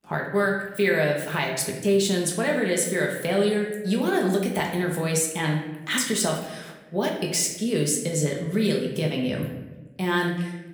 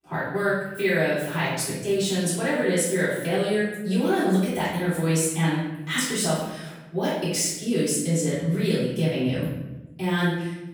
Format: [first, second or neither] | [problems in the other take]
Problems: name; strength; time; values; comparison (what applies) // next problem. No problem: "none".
first | room echo; strong; dies away in 1 s; slight in the first // off-mic speech; far; somewhat distant in the first